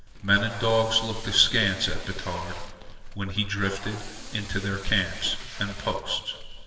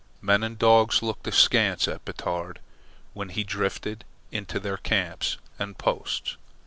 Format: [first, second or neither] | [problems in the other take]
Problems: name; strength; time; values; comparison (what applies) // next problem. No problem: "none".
second | background sound (Packing tape, duct tape); 16 dB below the speech // room echo; dies away in 2.2 s